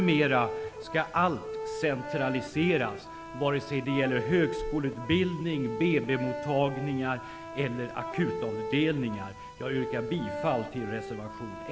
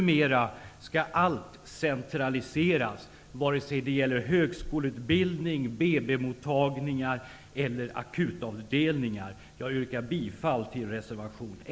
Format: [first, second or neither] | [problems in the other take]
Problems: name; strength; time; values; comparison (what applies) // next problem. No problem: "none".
second | background sound (Accordion); 8 dB below the speech